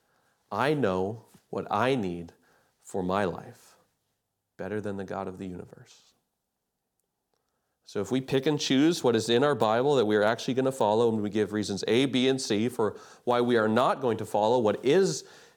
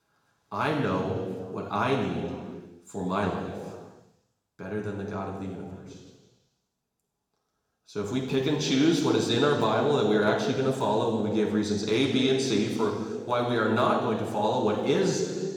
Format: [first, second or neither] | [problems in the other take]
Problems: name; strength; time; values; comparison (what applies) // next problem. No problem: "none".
first | room echo; noticeable; dies away in 1.6 s // off-mic speech; somewhat distant